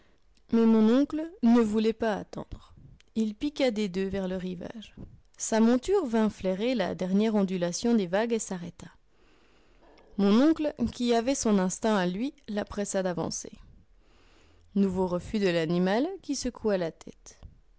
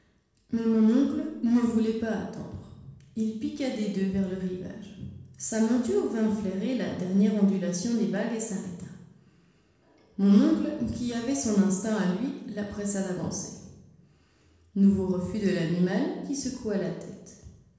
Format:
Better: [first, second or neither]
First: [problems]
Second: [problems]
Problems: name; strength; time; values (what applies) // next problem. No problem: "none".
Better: first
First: none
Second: room echo; dies away in 1.1 s